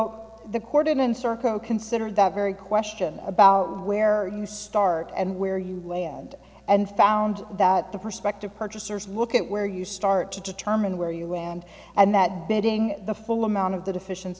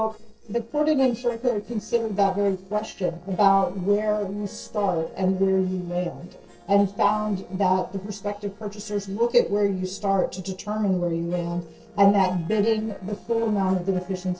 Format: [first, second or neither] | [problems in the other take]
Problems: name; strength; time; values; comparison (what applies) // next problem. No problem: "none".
first | noise reduction (neural separator model SepFormer DNS4)